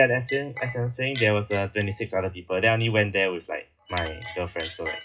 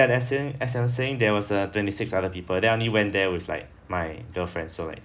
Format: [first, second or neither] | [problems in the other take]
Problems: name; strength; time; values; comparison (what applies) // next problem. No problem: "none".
second | noise reduction (classical method WPE with log-MMSE)